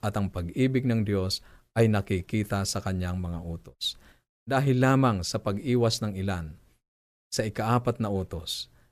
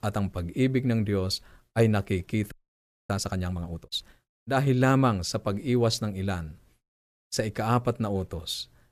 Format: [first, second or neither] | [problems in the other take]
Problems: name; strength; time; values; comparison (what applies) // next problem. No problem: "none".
first | audio freezing; at 2.5 s for 0.5 s